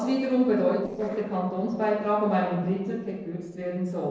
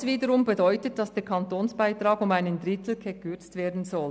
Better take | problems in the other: second | noise reduction (neural separator model SepFormer DNS4)

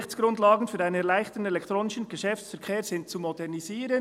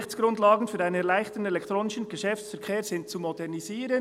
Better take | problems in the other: first | background sound (Telephone); 16 dB below the speech

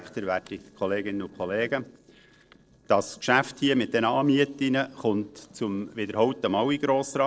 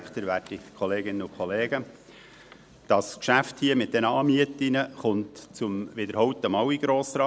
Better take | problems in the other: second | noise reduction (neural separator model SepFormer DNS4)

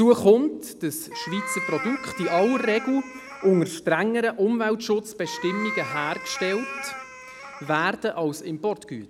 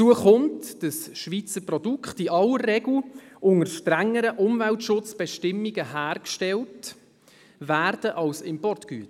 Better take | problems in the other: second | background sound (Meow); 12 dB below the speech

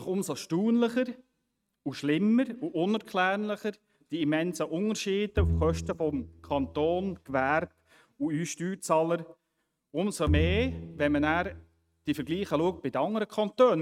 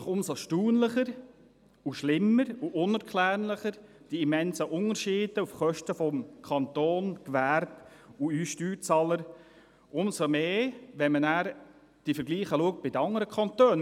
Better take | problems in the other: second | noise reduction (neural mask model RNNoise)

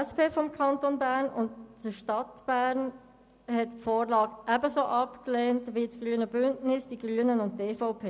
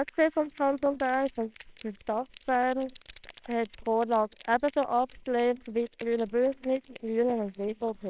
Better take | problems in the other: first | noise reduction (neural separator model SepFormer WHAMR!)

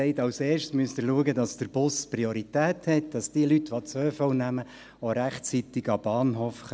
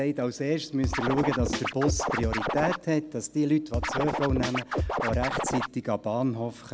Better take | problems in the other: first | background sound (Scratching (performance technique)); as loud as the speech

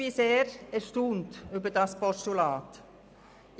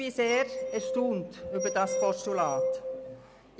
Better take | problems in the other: first | background sound (Glass); 2 dB below the speech

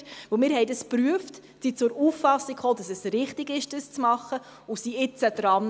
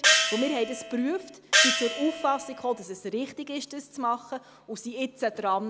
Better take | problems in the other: first | background sound (Gong); 4 dB above the speech

